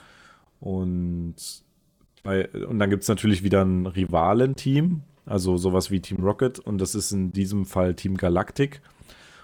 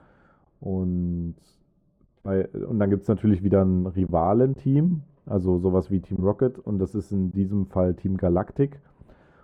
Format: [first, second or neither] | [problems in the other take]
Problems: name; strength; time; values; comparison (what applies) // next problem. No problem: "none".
first | muffled; very; fading above 2 kHz